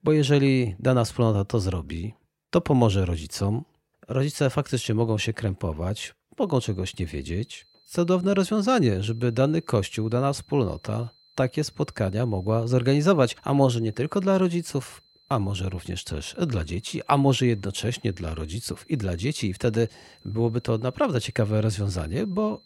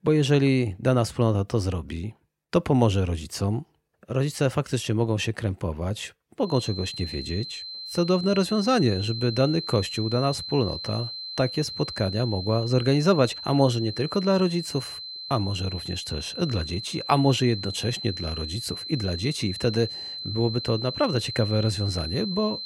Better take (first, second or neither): first